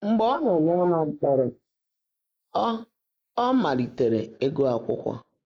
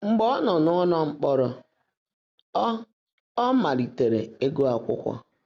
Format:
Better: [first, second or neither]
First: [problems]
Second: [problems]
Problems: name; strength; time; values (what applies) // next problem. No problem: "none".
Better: second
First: noise reduction (neural mask model Resemble Enhance denoiser)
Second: none